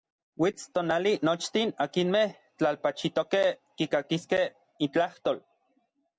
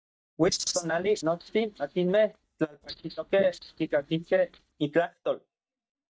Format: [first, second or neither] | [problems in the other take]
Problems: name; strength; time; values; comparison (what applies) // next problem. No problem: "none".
first | noise reduction (neural mask model DeepFilterNet 3)